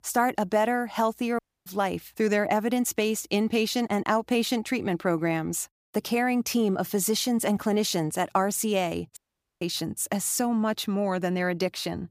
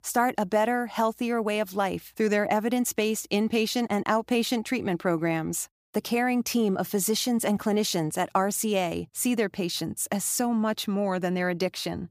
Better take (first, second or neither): second